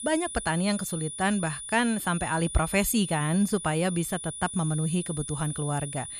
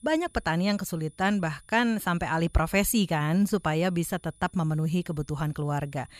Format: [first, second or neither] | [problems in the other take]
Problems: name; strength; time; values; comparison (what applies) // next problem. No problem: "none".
second | high-pitched whine; loud; throughout; 9.5 kHz, 8 dB below the speech; faint in the second